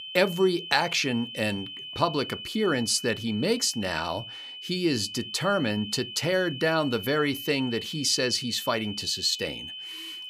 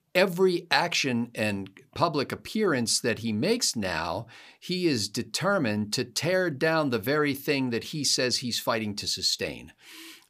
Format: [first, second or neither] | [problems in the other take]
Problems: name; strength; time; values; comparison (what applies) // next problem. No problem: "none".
second | high-pitched whine; noticeable; throughout; 3 kHz, 10 dB below the speech